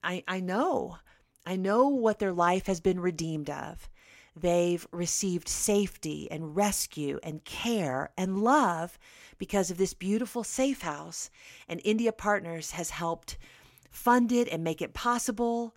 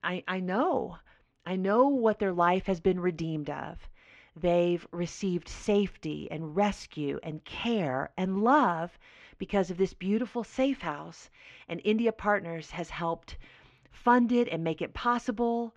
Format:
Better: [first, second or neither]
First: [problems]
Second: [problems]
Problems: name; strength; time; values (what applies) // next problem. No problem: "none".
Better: first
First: none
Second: muffled; slightly; fading above 3.5 kHz